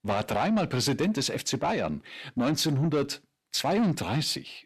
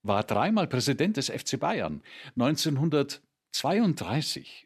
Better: second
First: distortion; slight; 10 dB below the speech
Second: none

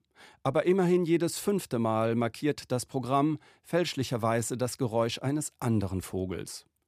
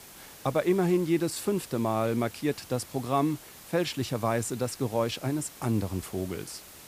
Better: first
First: none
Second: hiss; noticeable; throughout; 15 dB below the speech

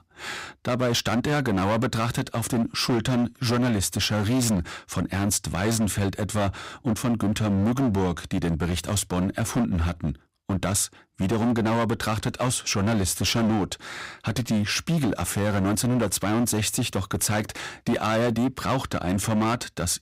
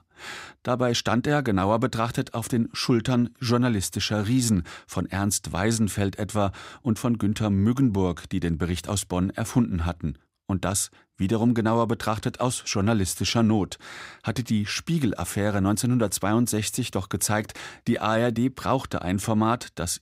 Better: second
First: distortion; heavy; 18% of the sound clipped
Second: none

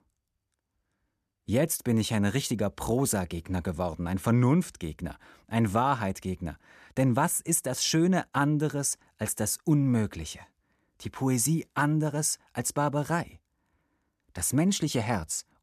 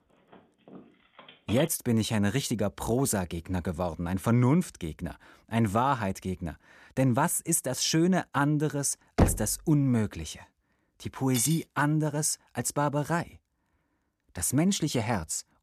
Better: first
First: none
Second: phone ringing; faint; until 1.5 s; peak 10 dB below the speech // door banging; loud; at 9 s; peak 1 dB above the speech // clattering dishes; noticeable; at 11 s; peak 8 dB below the speech

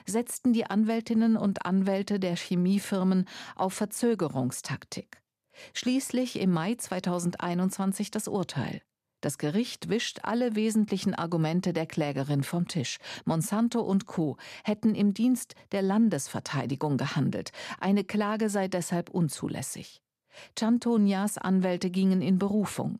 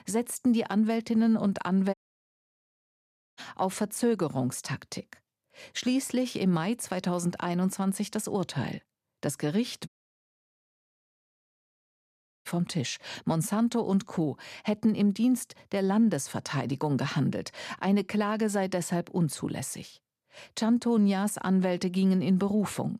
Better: first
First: none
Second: audio cutting out; at 2 s for 1.5 s and at 10 s for 2.5 s

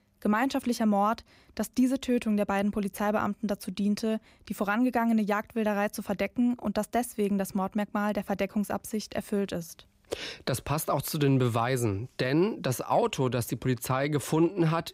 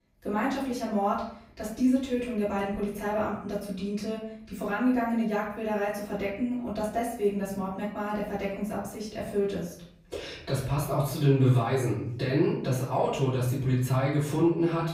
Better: first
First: none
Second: off-mic speech; far // room echo; noticeable; dies away in 0.6 s

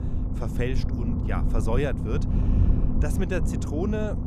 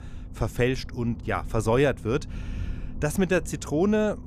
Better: second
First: low rumble; loud; throughout; 4 dB below the speech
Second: low rumble; faint; throughout; 25 dB below the speech

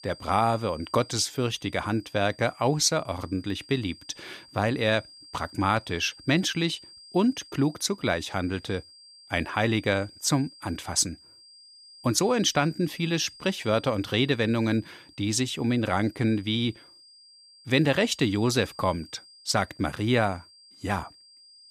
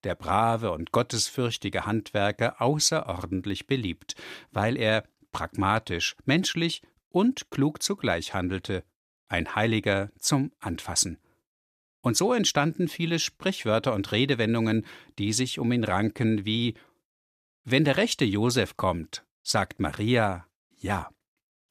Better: second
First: high-pitched whine; faint; throughout; 5 kHz, 20 dB below the speech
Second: none

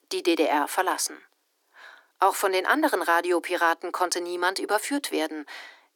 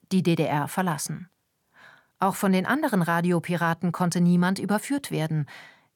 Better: second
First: thin; very; fading below 300 Hz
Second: none

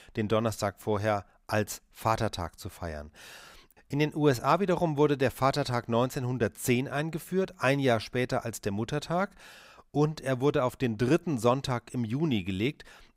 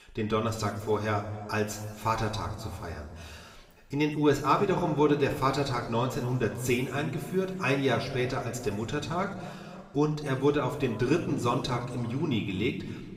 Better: first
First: none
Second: room echo; slight; dies away in 1.8 s // off-mic speech; somewhat distant

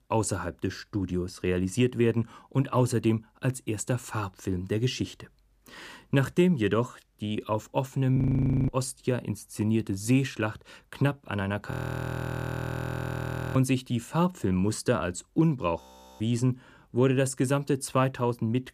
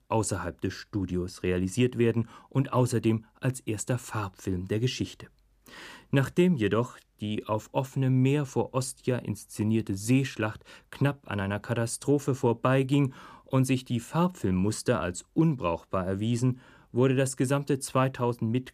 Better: second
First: audio freezing; at 8 s for 0.5 s, at 12 s for 2 s and at 16 s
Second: none

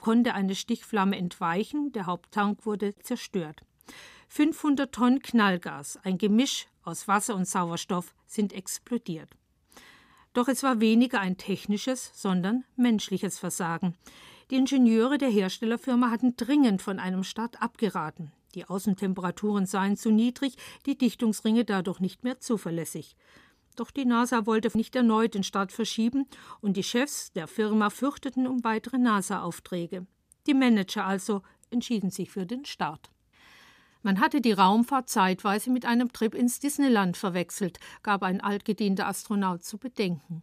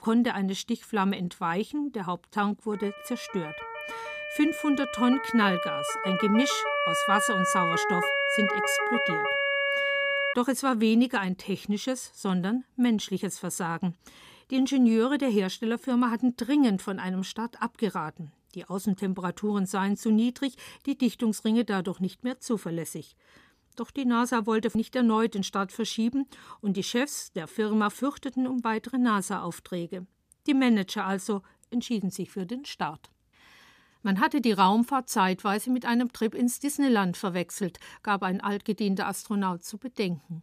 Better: first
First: none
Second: siren; loud; from 2.5 to 10 s; peak 3 dB above the speech

